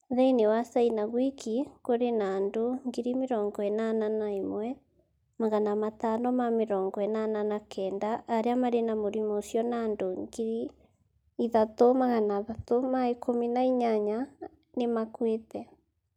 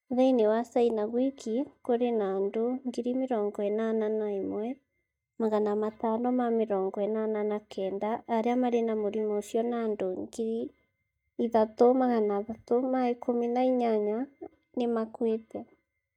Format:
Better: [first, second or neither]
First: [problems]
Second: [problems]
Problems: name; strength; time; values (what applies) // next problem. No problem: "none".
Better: first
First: none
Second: noise reduction (neural mask model DeepFilterNet 3)